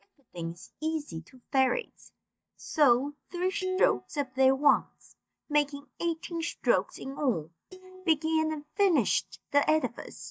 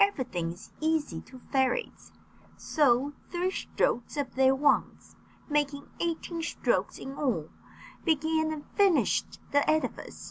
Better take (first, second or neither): second